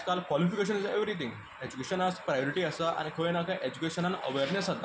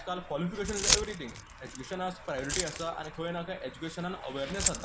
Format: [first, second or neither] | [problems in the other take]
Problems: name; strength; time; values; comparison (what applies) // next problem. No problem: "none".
first | background sound (Keys jangling); as loud as the speech